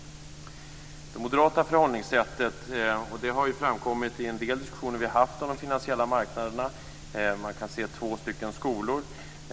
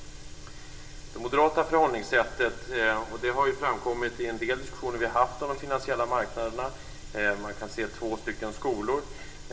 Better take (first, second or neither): first